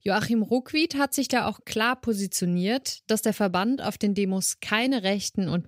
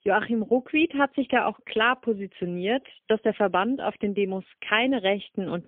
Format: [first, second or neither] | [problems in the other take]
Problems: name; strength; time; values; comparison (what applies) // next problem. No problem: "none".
first | phone-call audio; poor line; nothing above 3.5 kHz